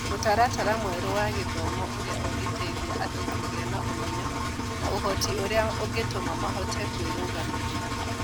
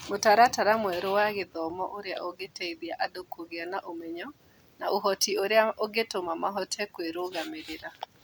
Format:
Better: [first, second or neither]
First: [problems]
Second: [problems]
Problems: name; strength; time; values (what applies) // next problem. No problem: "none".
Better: second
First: background sound (Engine); 2 dB above the speech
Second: none